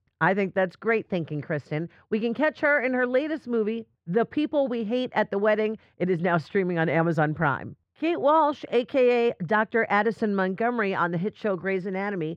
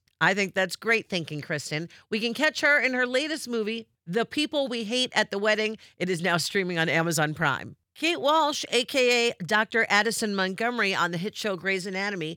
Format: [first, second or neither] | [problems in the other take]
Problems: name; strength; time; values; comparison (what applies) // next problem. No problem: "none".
second | muffled; very; fading above 3.5 kHz